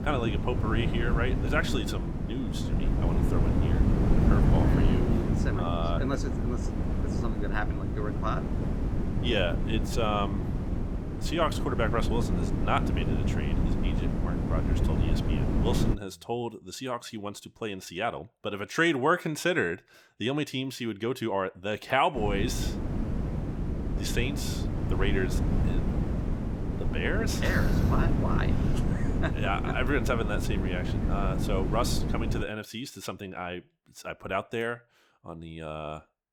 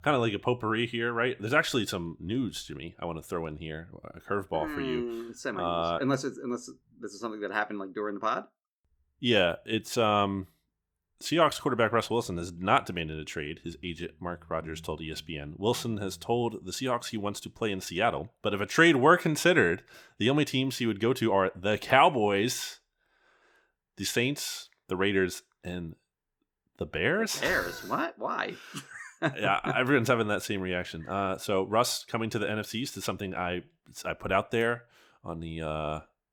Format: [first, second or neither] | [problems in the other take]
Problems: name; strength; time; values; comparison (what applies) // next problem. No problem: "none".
second | wind noise on the microphone; heavy; until 16 s and from 22 to 32 s; 5 dB below the speech